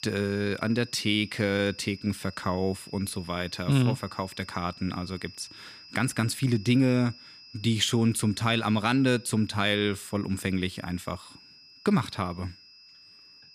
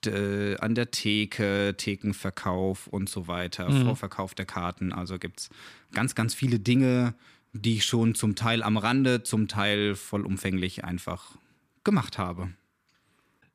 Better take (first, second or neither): second